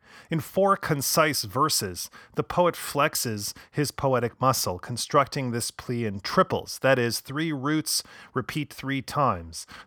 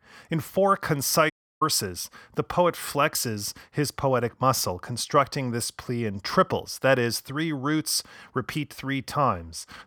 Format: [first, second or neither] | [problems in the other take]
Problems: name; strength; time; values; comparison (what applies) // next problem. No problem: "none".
first | audio cutting out; at 1.5 s